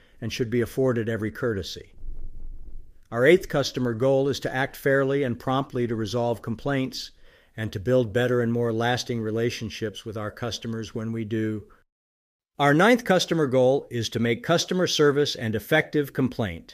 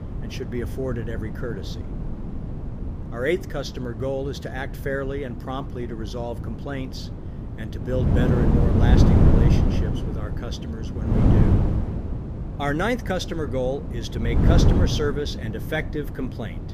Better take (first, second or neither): first